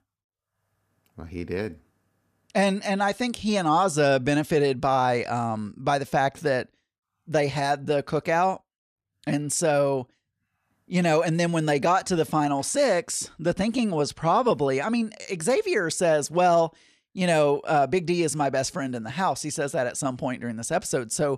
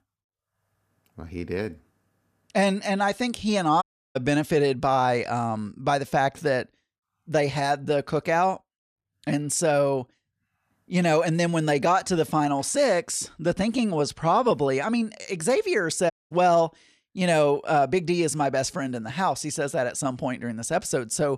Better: first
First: none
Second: audio cutting out; at 4 s and at 16 s

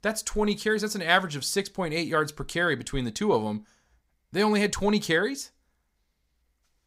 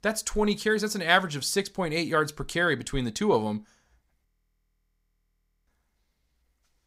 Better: first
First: none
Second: audio freezing; at 4.5 s for 1.5 s

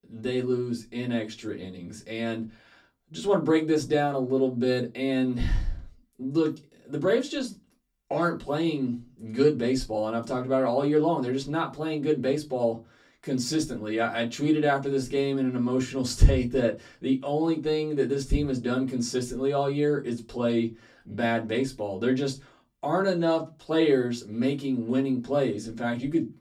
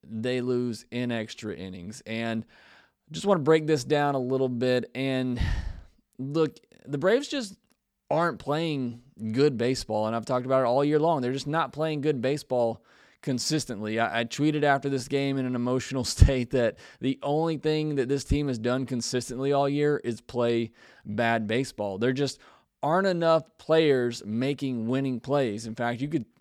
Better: second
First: off-mic speech; far // room echo; very slight; dies away in 0.2 s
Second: none

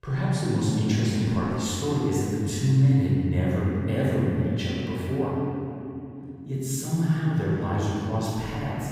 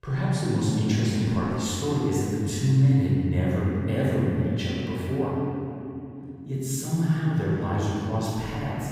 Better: neither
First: room echo; strong; dies away in 3 s // off-mic speech; far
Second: room echo; strong; dies away in 3 s // off-mic speech; far

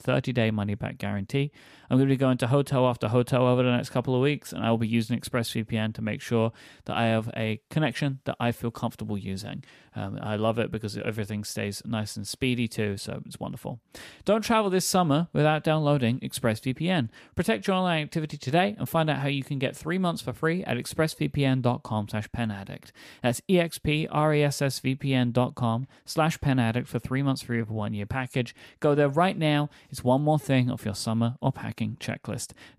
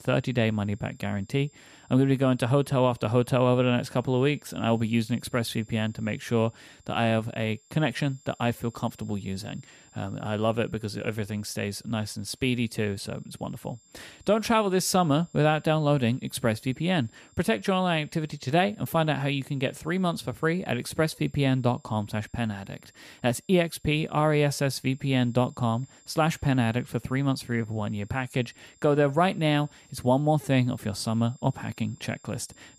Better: first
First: none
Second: high-pitched whine; faint; throughout; 7.5 kHz, 30 dB below the speech

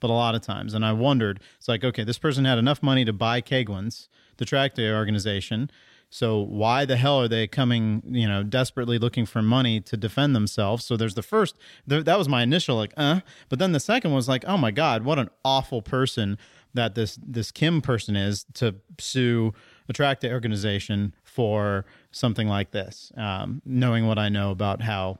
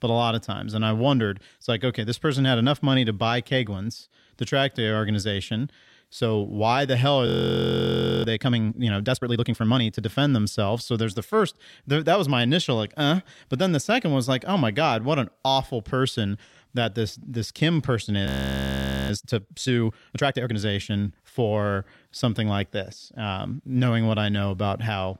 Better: first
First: none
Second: audio freezing; at 7.5 s for 1 s and at 18 s for 1 s

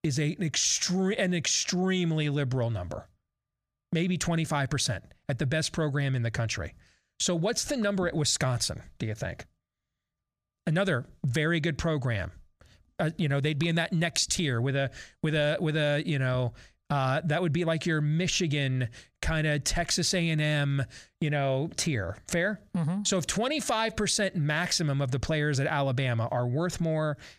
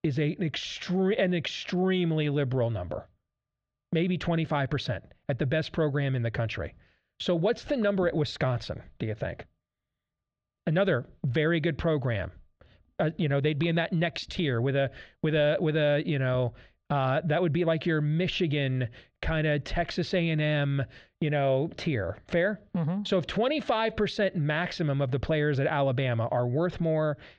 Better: first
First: none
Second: muffled; very; fading above 3.5 kHz

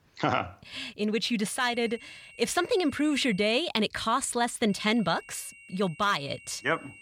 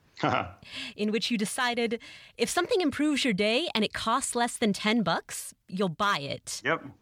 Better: second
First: high-pitched whine; faint; from 1.5 to 3.5 s and from 4.5 s on; 3 kHz, 20 dB below the speech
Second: none

